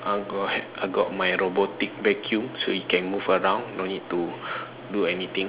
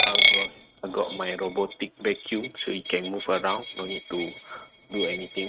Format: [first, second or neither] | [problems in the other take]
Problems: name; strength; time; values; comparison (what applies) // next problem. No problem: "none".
first | noise reduction (neural mask model RNNoise)